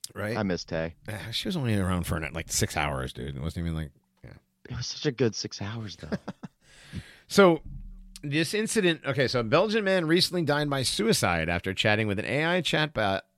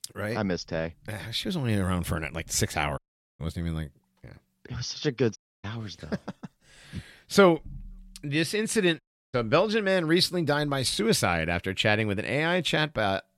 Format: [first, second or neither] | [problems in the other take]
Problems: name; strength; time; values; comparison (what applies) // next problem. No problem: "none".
first | audio cutting out; at 3 s, at 5.5 s and at 9 s